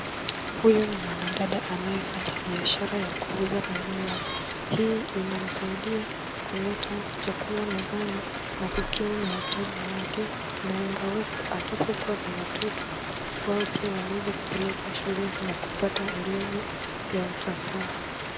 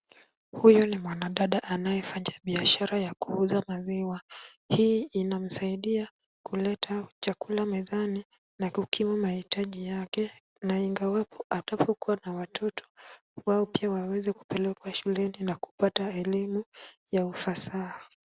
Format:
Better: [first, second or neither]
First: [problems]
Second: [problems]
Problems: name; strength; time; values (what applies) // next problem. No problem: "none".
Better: second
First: background sound (Squeak + Rain); 2 dB below the speech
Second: none